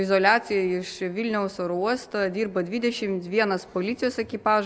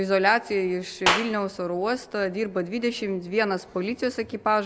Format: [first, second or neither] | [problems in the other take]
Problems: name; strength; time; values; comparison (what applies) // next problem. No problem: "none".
first | background sound (Clapping); 7 dB below the speech